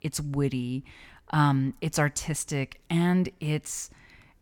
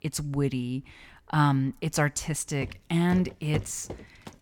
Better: first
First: none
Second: footsteps; noticeable; from 2.5 s on; peak 8 dB below the speech

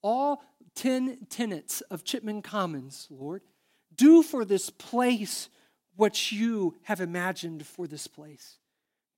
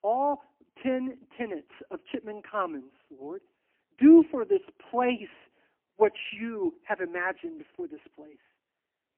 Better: first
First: none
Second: phone-call audio; poor line; nothing above 3 kHz

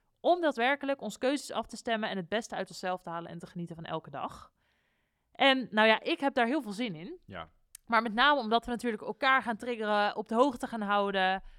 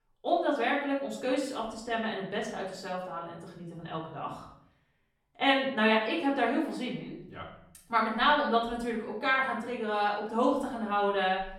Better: first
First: none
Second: off-mic speech; far // room echo; noticeable; dies away in 0.6 s

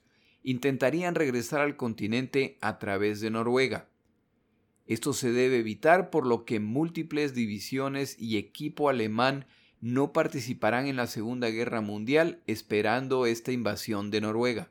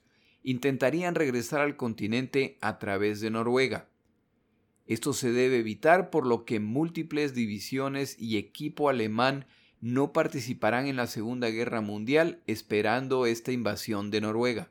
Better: neither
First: none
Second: none

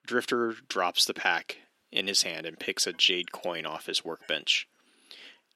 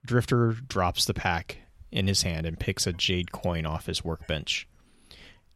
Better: second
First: thin; somewhat; fading below 300 Hz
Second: none

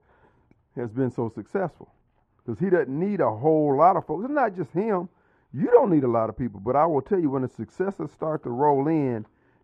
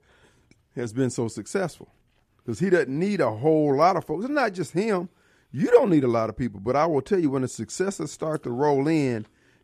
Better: second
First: muffled; very; fading above 3 kHz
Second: none

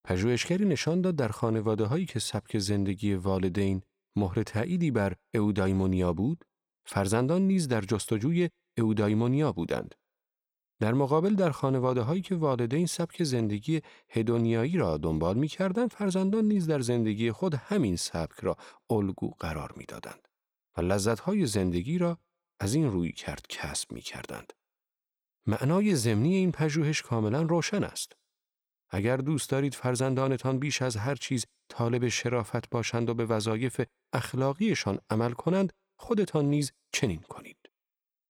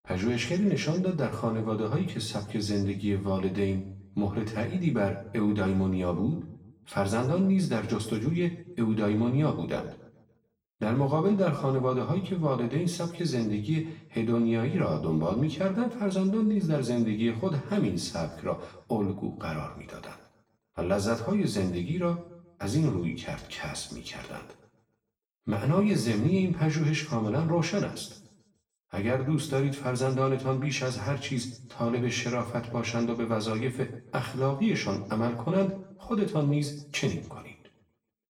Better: first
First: none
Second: room echo; slight; dies away in 0.6 s // off-mic speech; far

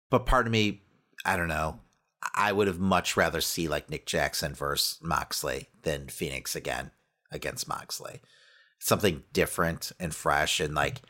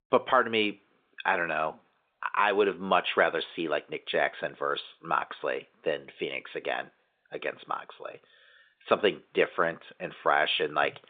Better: first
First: none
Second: phone-call audio; nothing above 3.5 kHz

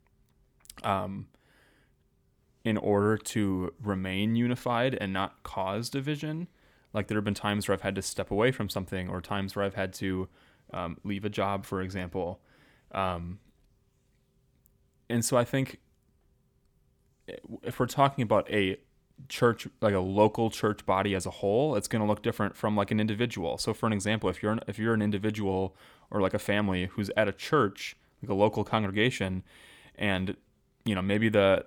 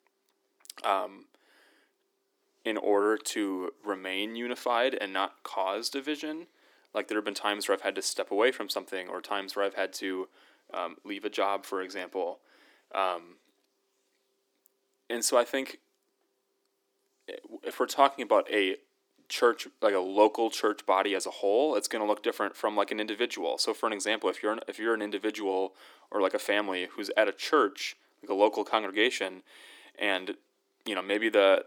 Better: first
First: none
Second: thin; somewhat; fading below 300 Hz

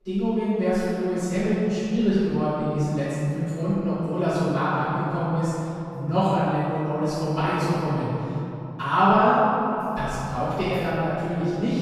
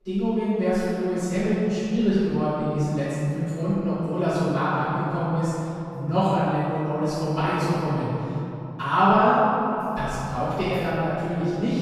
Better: neither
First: off-mic speech; far // room echo; strong; dies away in 2.9 s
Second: off-mic speech; far // room echo; strong; dies away in 2.9 s

